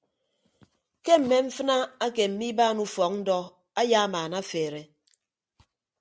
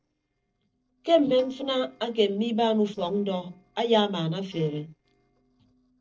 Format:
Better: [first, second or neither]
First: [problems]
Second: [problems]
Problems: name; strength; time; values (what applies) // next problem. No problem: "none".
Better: first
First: none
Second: noise reduction (neural separator model SepFormer DNS4)